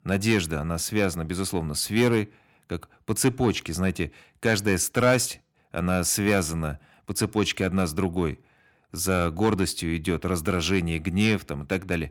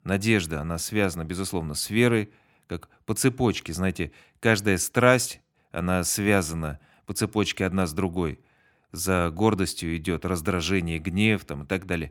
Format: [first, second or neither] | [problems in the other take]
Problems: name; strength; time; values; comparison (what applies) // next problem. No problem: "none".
second | distortion; slight; 10 dB below the speech